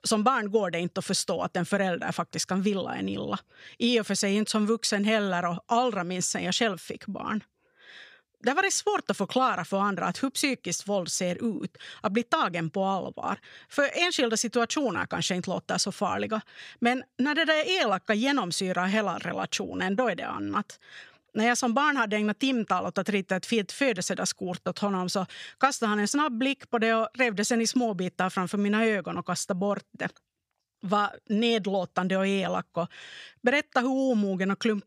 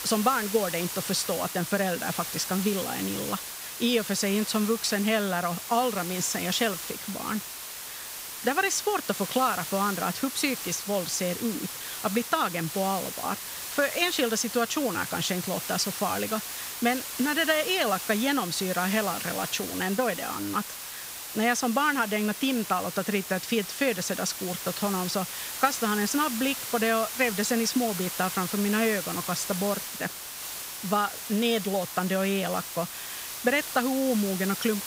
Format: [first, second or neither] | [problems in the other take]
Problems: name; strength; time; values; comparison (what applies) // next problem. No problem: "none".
first | hiss; loud; throughout; 6 dB below the speech